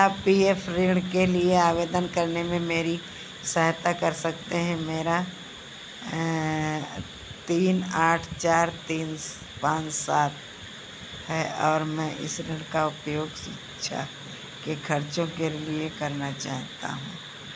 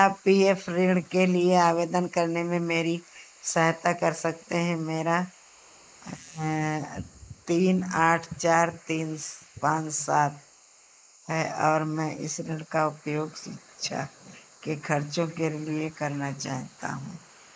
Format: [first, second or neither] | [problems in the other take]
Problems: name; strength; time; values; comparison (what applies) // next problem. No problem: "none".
first | noise reduction (neural mask model Resemble Enhance denoiser)